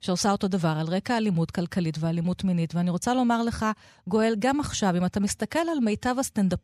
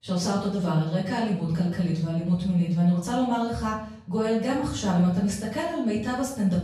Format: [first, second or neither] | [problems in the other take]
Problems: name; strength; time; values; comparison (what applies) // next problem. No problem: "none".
first | off-mic speech; far // room echo; noticeable; dies away in 0.6 s